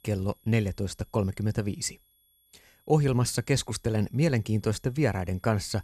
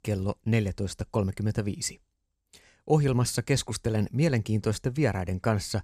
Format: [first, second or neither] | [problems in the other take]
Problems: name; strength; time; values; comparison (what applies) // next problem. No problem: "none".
second | high-pitched whine; faint; throughout; 11.5 kHz, 35 dB below the speech